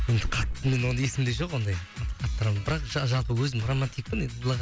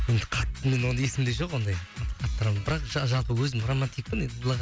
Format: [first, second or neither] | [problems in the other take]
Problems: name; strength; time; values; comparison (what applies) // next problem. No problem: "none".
second | background sound (Thump, thud); 14 dB below the speech